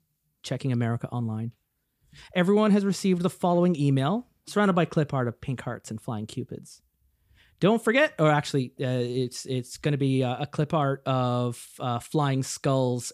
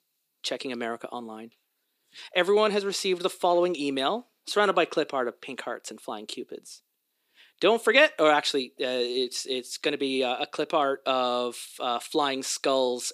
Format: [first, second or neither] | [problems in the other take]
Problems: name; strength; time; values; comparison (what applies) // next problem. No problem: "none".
first | thin; somewhat; fading below 300 Hz